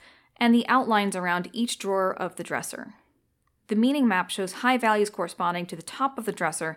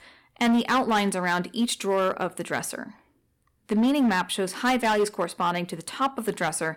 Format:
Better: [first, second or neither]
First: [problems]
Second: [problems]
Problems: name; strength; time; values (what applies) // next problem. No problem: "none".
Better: first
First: none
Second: distortion; slight; 8% of the sound clipped